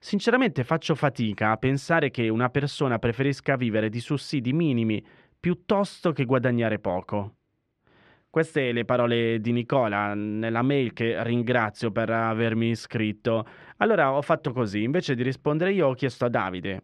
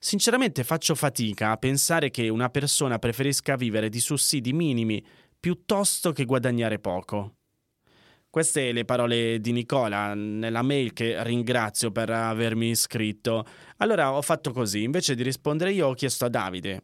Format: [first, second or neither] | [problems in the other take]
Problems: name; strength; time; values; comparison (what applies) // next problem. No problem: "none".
second | muffled; very; fading above 2 kHz